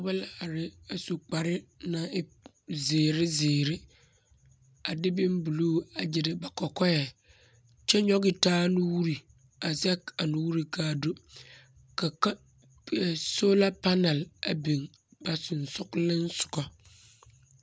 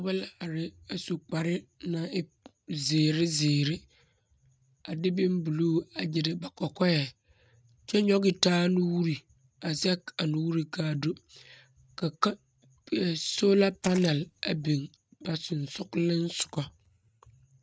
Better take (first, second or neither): first